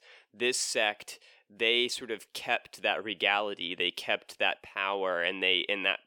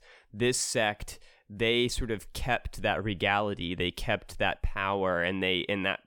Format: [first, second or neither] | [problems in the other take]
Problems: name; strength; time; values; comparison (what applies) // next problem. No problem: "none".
second | thin; somewhat; fading below 400 Hz